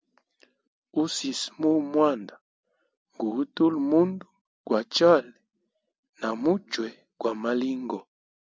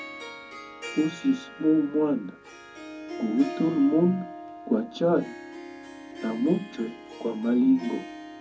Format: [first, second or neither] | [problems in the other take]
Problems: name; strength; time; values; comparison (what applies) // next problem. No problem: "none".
first | background sound (Harp); 14 dB below the speech // room echo; dies away in 0.3 s